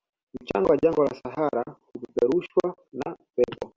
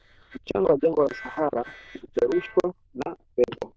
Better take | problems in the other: first | noise reduction (neural diffusion model UNIVERSE++)

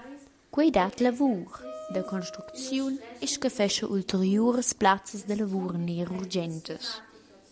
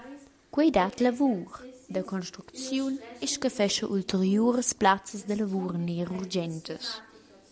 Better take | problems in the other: second | background sound (Wind instrument, woodwind instrument); 14 dB below the speech

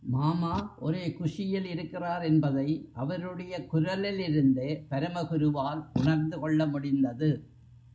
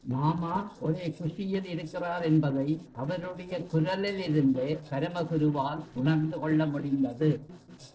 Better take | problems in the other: first | noise reduction (neural separator model SepFormer DNS4)

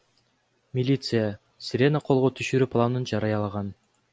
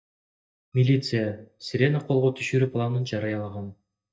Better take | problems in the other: first | noise reduction (neural mask model DeepFilterNet 3)

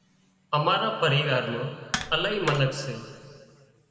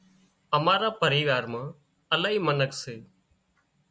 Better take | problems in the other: second | background sound (Tap); 10 dB below the speech // room echo; dies away in 2 s

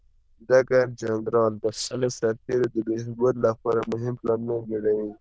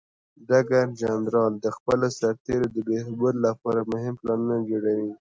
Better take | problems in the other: second | noise reduction (neural diffusion model UNIVERSE++)

